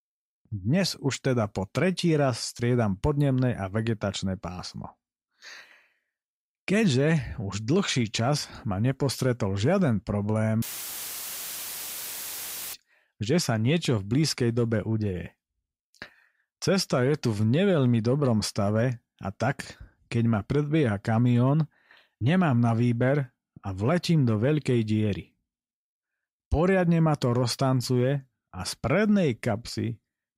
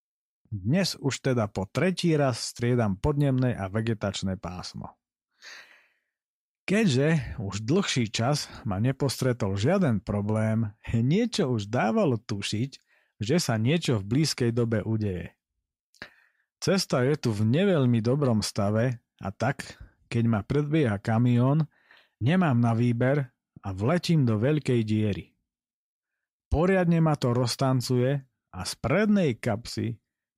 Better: second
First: audio cutting out; filled with static; at 11 s for 2 s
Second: none

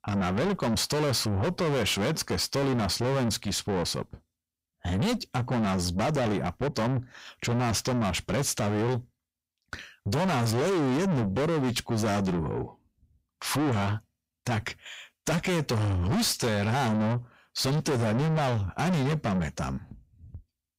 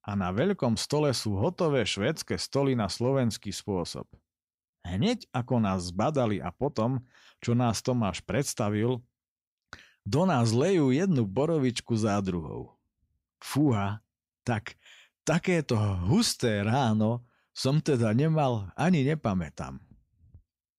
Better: second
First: distortion; heavy; 5 dB below the speech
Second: none

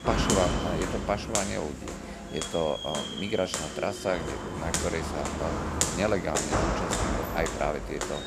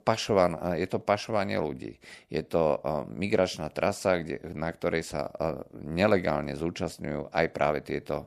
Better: second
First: footsteps; loud; peak 6 dB above the speech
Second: none

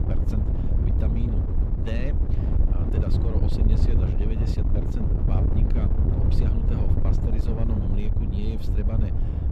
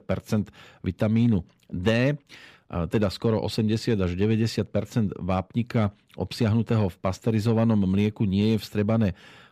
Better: second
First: wind noise on the microphone; heavy; 3 dB above the speech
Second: none

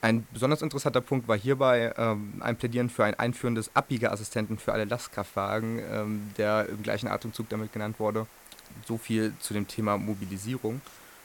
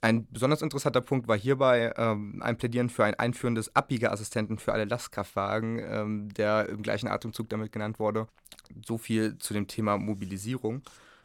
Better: second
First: hiss; faint; throughout; 25 dB below the speech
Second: none

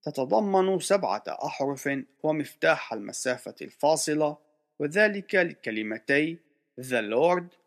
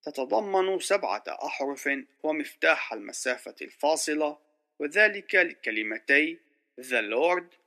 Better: first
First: none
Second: thin; very slightly; fading below 300 Hz

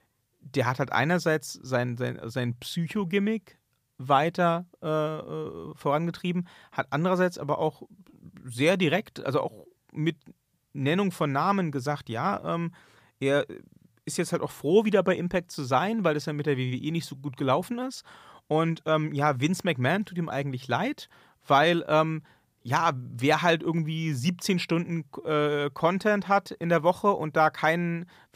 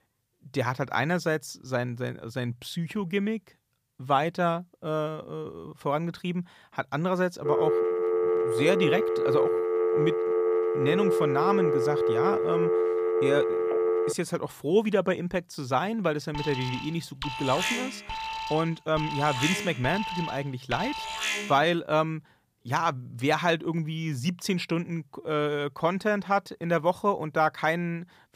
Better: first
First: none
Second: phone ringing; loud; from 7.5 to 14 s; peak 4 dB above the speech // alarm; loud; from 16 to 22 s; peak 1 dB above the speech

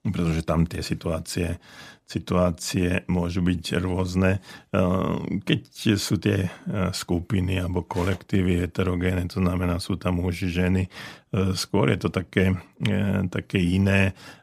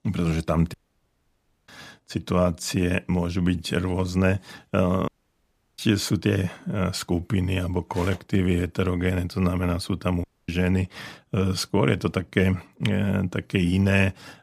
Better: first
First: none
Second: audio cutting out; at 0.5 s for 1 s, at 5 s for 0.5 s and at 10 s

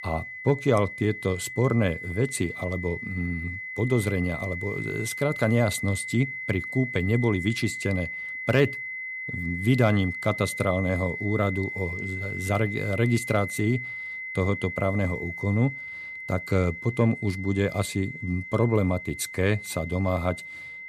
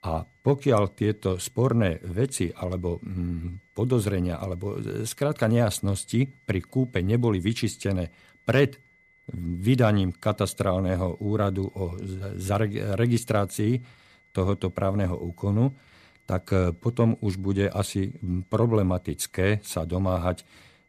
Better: second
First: high-pitched whine; loud; throughout; 2 kHz, 7 dB below the speech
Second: high-pitched whine; faint; throughout; 2 kHz, 35 dB below the speech

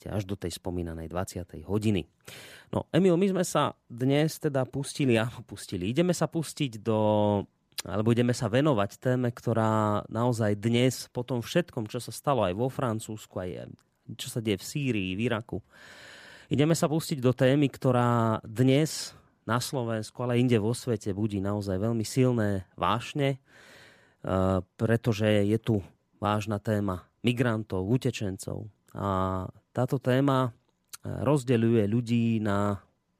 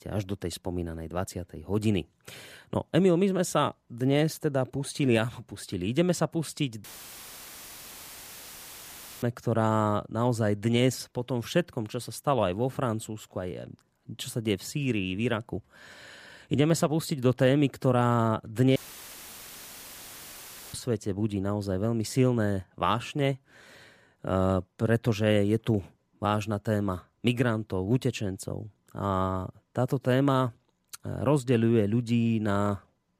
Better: first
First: none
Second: audio cutting out; filled with static; at 7 s for 2.5 s and at 19 s for 2 s

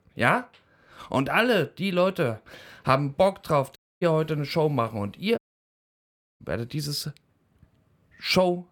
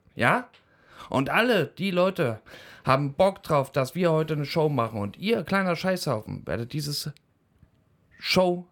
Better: second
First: audio cutting out; at 4 s and at 5.5 s for 1 s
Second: none

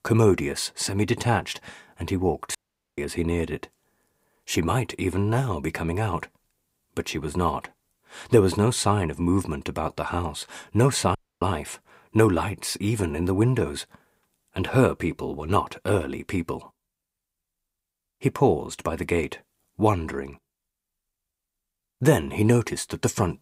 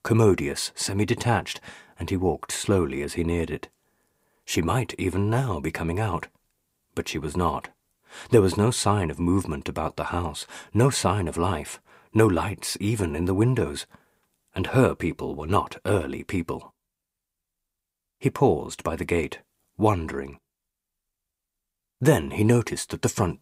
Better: second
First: audio cutting out; at 2.5 s and at 11 s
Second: none

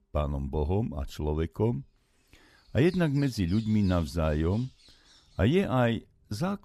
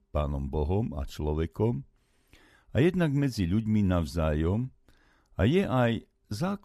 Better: second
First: animal sounds; faint; from 2 s on; 25 dB below the speech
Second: none

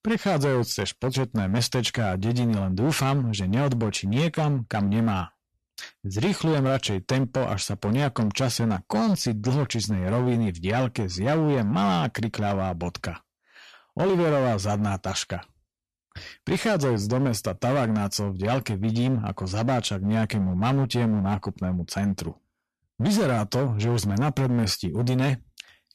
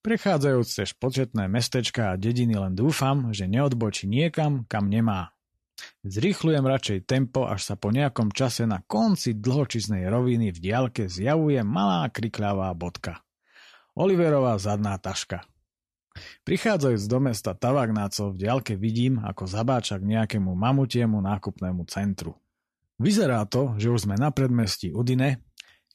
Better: second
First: distortion; slight; 13% of the sound clipped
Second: none

